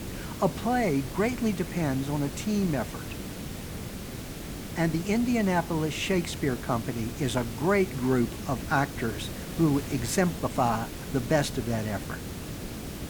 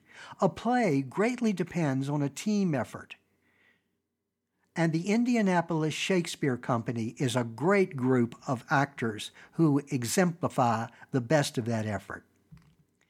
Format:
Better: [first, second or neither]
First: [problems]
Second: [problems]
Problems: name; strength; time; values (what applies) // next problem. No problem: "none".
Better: second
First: hiss; loud; throughout; 9 dB below the speech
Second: none